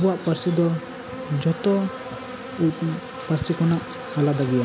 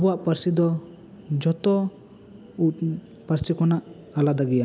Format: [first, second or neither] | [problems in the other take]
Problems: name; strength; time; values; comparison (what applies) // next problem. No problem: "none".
second | background sound (Insect); 11 dB below the speech